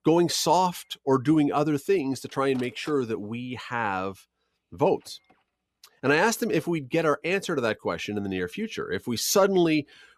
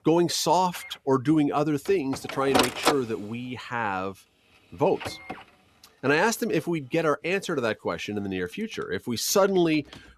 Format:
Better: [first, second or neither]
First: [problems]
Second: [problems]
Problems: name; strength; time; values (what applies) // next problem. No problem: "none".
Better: first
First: household noises; faint; throughout; 30 dB below the speech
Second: household noises; loud; throughout; 4 dB below the speech